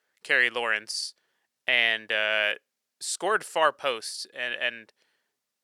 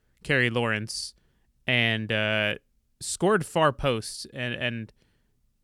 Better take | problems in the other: second | thin; very; fading below 600 Hz

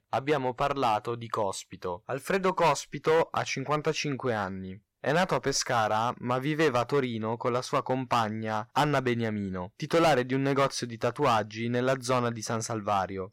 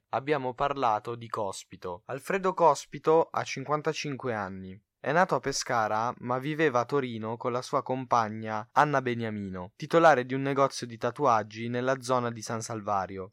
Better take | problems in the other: second | distortion; heavy; 5% of the sound clipped

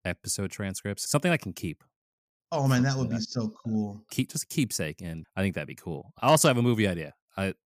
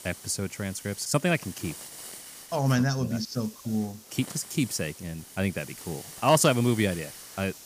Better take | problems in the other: first | hiss; noticeable; throughout; 15 dB below the speech

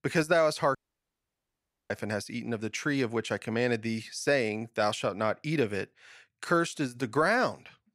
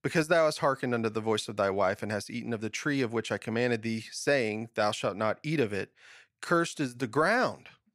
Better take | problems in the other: second | audio cutting out; at 1 s for 1 s

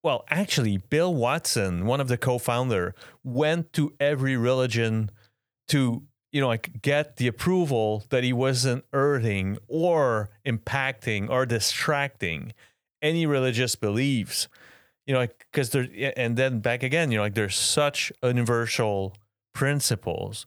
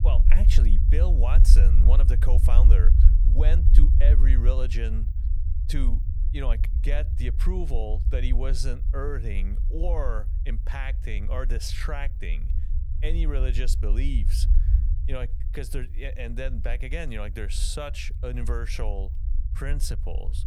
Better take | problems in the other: first | low rumble; loud; throughout; 8 dB below the speech

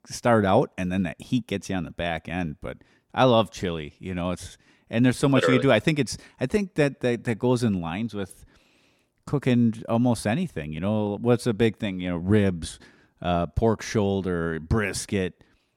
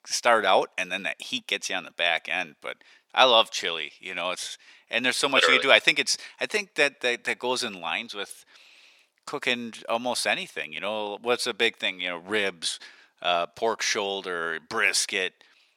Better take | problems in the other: first | thin; very; fading below 650 Hz

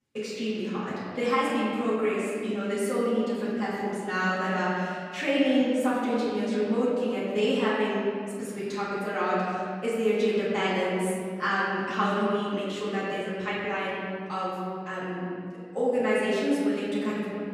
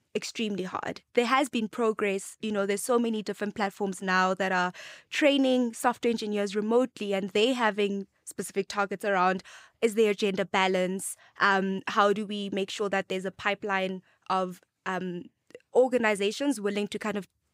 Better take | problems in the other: second | off-mic speech; far // room echo; strong; dies away in 2.3 s

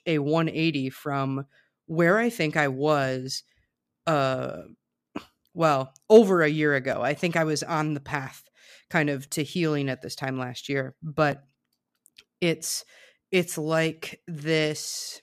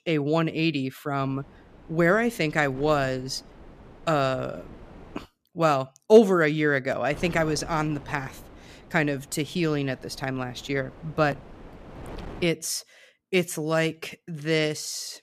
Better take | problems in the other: first | wind noise on the microphone; occasional gusts; from 1 to 5.5 s and from 7 to 12 s; 25 dB below the speech

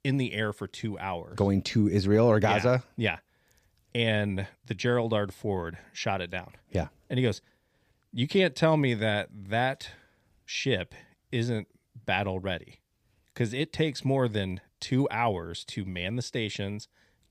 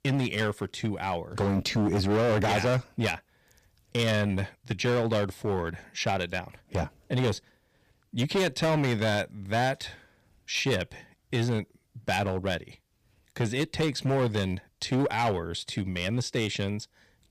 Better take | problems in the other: first | distortion; heavy; 11% of the sound clipped

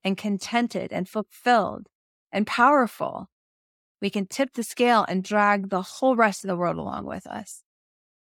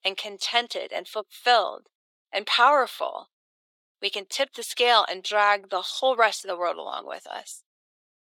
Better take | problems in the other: first | thin; very; fading below 450 Hz

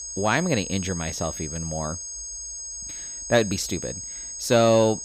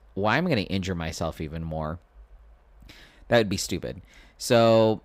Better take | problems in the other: second | high-pitched whine; loud; throughout; 6.5 kHz, 8 dB below the speech

